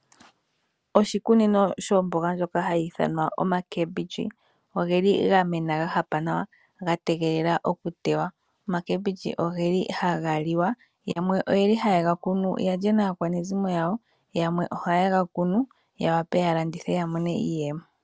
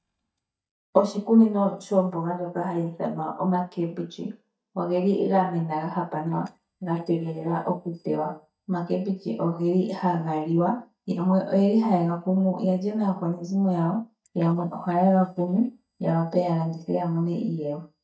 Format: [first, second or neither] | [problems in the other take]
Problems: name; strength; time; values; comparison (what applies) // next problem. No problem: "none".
first | noise reduction (neural mask model DeepFilterNet 3)